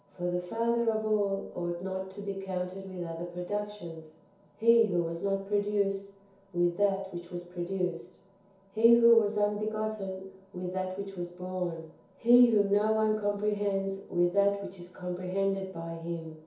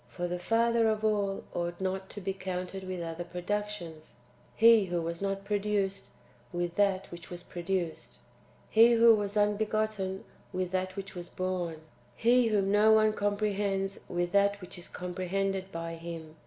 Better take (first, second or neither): second